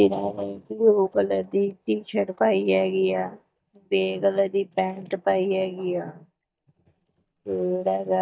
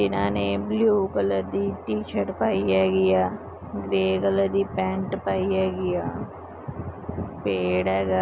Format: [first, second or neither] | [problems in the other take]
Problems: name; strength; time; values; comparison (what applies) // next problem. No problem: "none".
second | noise reduction (neural mask model DeepFilterNet 3)